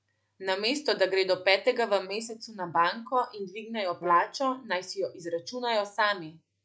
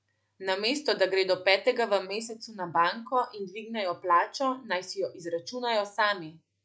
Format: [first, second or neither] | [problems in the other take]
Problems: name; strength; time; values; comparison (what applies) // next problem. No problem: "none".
second | background sound (Brass instrument); 13 dB below the speech